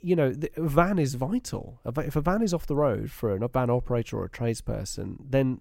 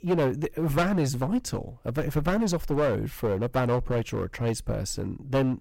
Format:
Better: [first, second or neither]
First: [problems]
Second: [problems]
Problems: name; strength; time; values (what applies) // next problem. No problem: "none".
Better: first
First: none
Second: distortion; heavy; 11% of the sound clipped